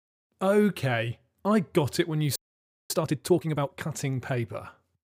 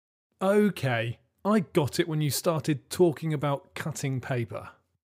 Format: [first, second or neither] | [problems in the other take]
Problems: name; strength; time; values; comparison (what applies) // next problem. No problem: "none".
second | audio freezing; at 2.5 s for 0.5 s